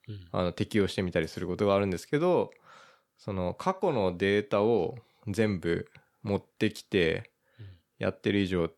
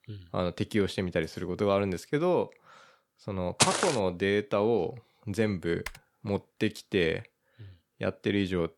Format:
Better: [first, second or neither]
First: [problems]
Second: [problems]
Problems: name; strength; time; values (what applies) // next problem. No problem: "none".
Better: first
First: none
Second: footsteps; loud; at 3.5 s; peak 5 dB above the speech // keyboard typing; faint; at 6 s; peak 15 dB below the speech